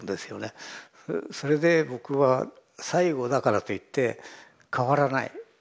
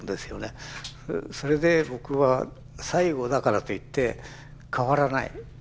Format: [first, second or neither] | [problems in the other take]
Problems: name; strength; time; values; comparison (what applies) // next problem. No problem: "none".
first | background sound (Engine); 17 dB below the speech